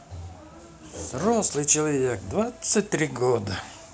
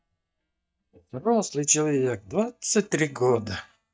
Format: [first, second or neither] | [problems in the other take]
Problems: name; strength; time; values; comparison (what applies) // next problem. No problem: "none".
first | noise reduction (neural mask model DeepFilterNet 3)